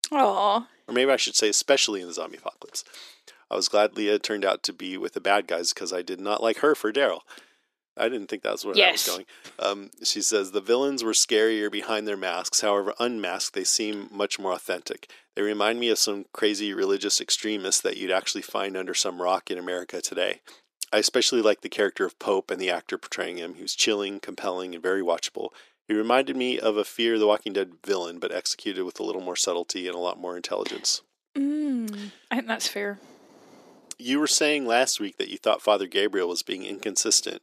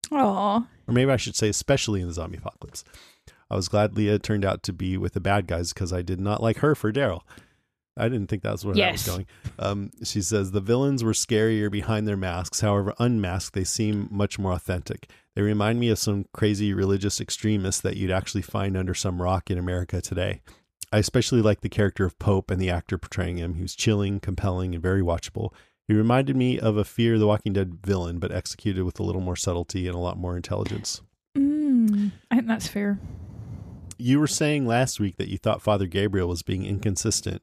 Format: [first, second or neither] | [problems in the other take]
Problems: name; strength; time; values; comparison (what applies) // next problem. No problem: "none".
second | thin; somewhat; fading below 300 Hz